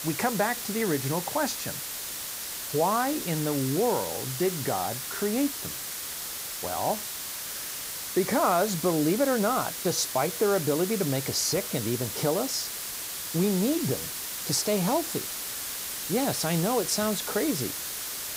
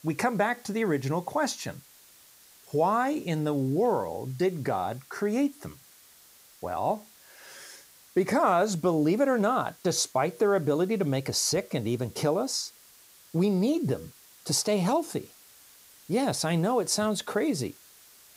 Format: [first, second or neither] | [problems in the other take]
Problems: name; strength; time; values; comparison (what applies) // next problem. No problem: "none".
second | hiss; loud; throughout; 4 dB below the speech; faint in the second